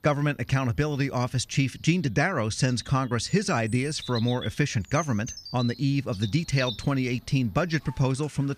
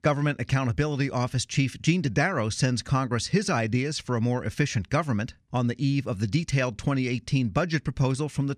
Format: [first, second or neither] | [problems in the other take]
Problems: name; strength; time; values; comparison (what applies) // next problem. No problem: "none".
second | animal sounds; noticeable; throughout; 15 dB below the speech